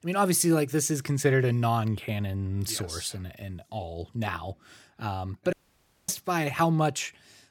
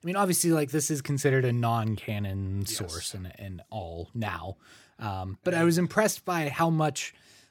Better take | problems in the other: second | audio cutting out; at 5.5 s for 0.5 s

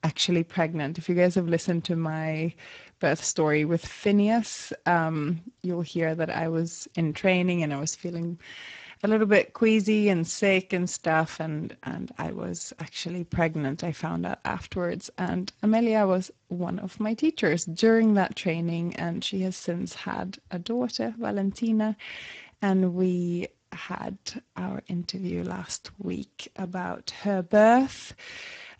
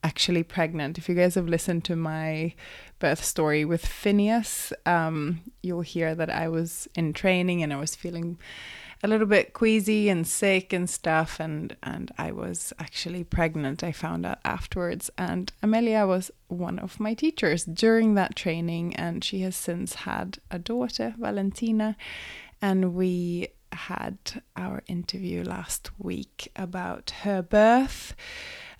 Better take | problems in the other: second | garbled, watery; badly; nothing above 7.5 kHz

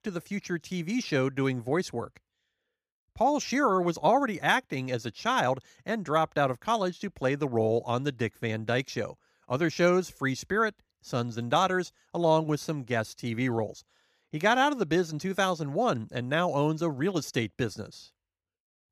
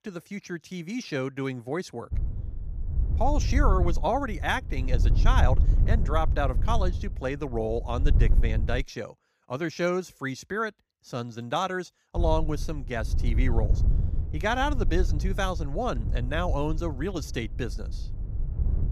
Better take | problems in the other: first | wind noise on the microphone; occasional gusts; from 2 to 9 s and from 12 s on; 15 dB below the speech

